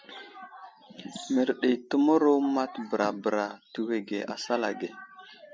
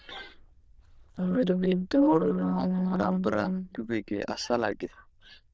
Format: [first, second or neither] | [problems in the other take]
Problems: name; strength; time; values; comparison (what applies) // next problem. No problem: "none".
first | noise reduction (neural diffusion model UNIVERSE++)